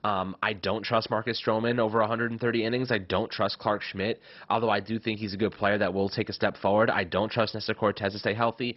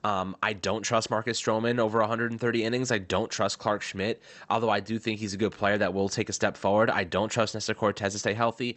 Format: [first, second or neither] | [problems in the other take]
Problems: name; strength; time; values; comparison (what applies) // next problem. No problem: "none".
second | garbled, watery; badly; nothing above 5.5 kHz; slightly in the second